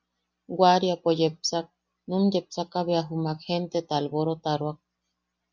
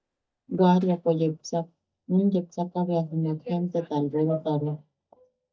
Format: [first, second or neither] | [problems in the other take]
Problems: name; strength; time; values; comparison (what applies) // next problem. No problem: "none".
first | noise reduction (neural mask model DeepFilterNet 3)